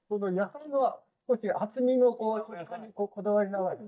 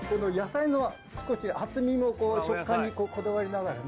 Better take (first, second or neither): second